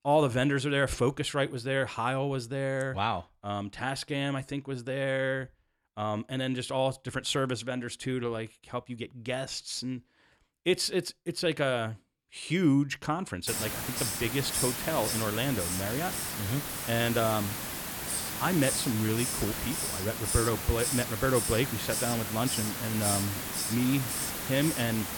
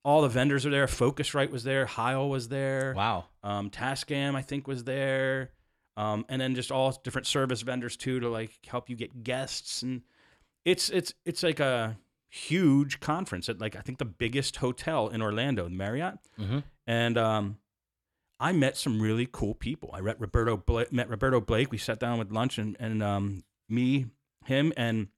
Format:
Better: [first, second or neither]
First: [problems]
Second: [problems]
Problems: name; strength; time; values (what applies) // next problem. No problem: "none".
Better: second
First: hiss; loud; from 13 s on; 1 dB below the speech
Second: none